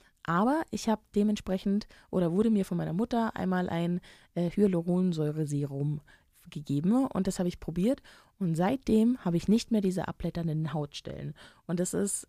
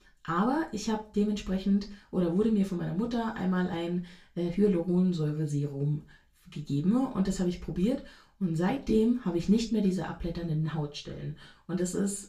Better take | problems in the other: first | room echo; slight; dies away in 0.3 s // off-mic speech; far

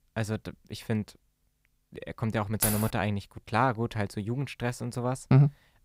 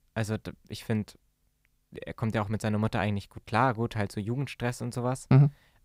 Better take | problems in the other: second | jangling keys; loud; at 2.5 s; peak 1 dB above the speech

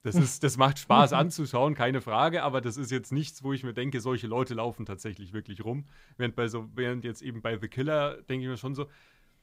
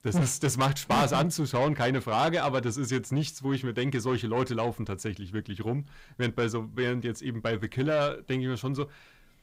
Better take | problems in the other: first | distortion; heavy; 7 dB below the speech

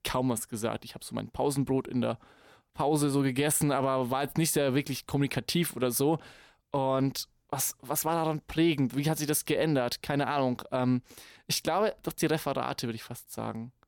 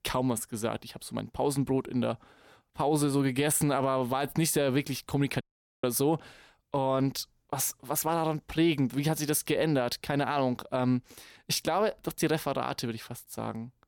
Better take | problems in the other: first | audio cutting out; at 5.5 s

